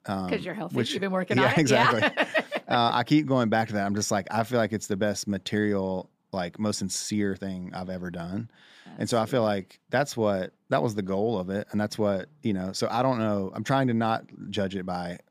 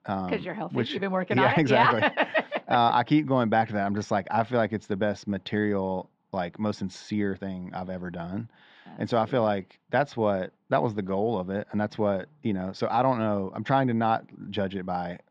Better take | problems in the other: first | muffled; slightly; fading above 3.5 kHz

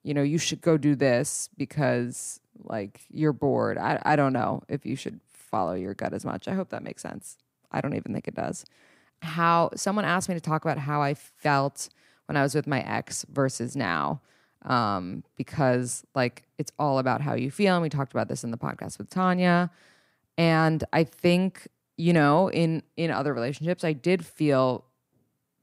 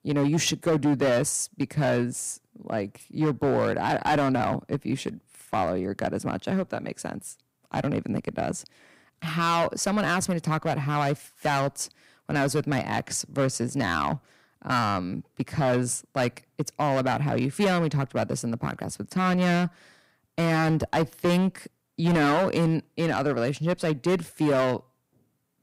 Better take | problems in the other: first | distortion; heavy; 7% of the sound clipped

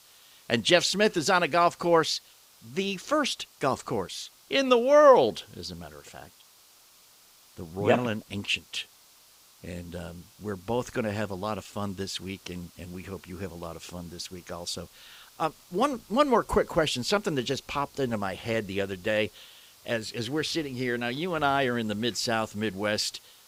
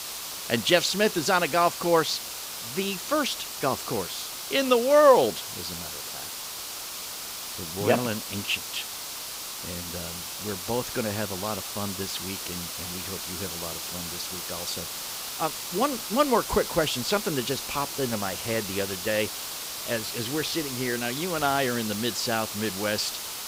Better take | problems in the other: first | hiss; loud; throughout; 6 dB below the speech; faint in the first

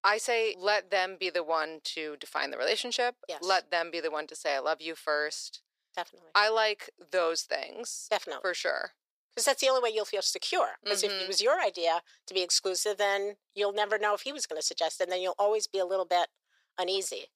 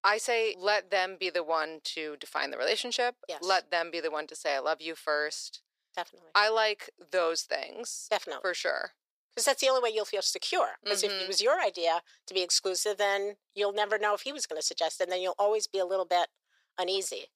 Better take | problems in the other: neither | thin; very; fading below 450 Hz; the same in both

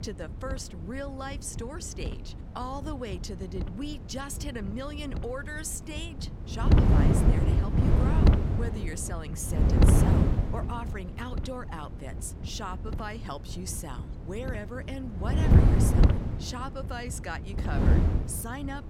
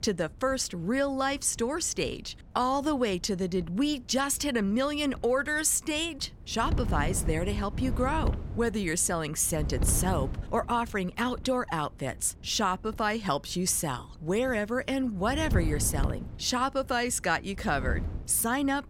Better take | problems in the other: second | wind noise on the microphone; heavy; 3 dB above the speech; occasional gusts in the second

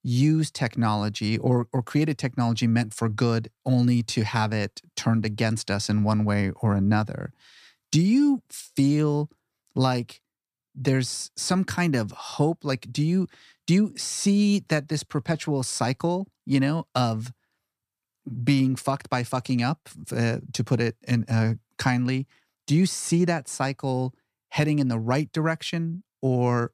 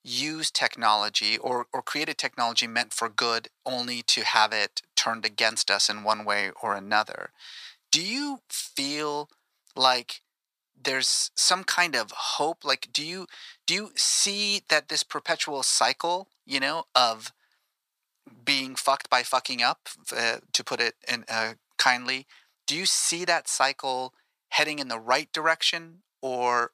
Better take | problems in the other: first | thin; very; fading below 850 Hz

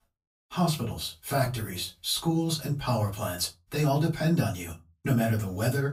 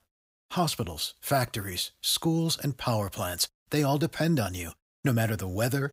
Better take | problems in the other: second | off-mic speech; far // room echo; very slight; dies away in 0.2 s

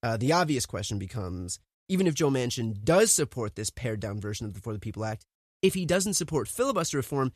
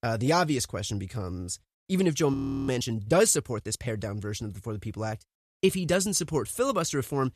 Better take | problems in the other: first | audio freezing; at 2.5 s

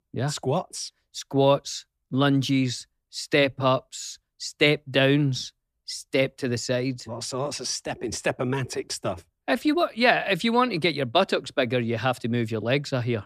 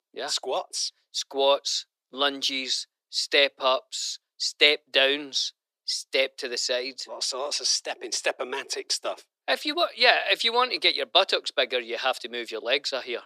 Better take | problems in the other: first | thin; very; fading below 400 Hz

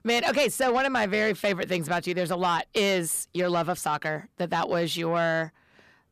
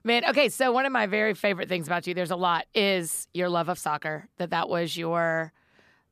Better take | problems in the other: second | distortion; slight; 10 dB below the speech

